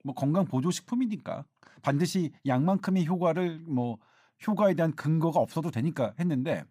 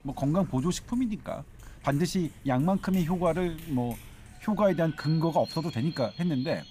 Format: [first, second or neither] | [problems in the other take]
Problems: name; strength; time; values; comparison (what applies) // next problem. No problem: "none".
first | animal sounds; noticeable; throughout; 20 dB below the speech